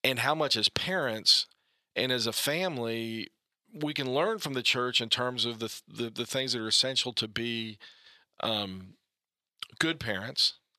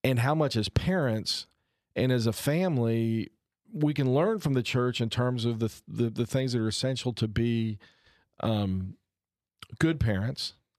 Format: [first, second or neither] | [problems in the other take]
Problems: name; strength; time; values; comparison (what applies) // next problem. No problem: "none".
second | thin; somewhat; fading below 950 Hz